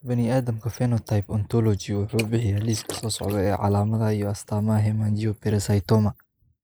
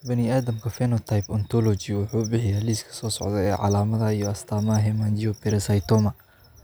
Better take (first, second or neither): second